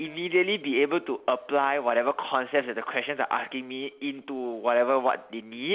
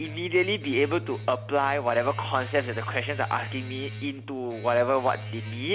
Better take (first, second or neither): first